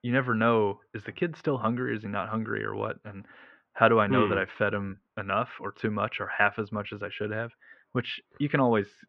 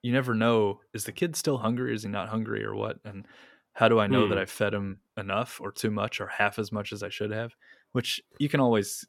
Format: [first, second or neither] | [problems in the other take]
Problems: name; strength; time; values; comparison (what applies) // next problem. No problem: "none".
second | muffled; very; fading above 3 kHz